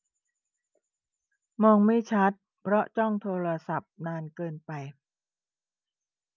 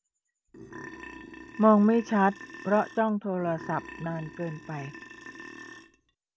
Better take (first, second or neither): first